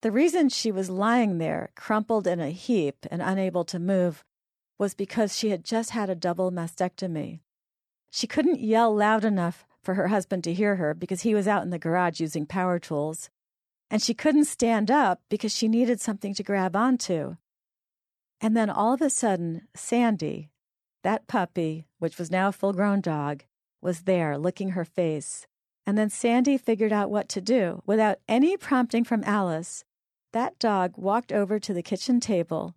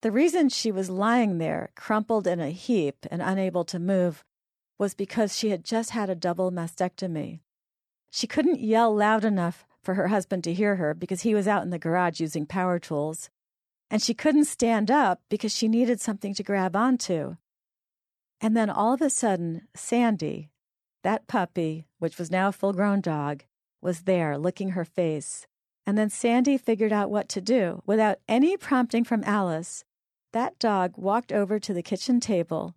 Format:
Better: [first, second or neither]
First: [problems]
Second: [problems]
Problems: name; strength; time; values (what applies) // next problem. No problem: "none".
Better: neither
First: none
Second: none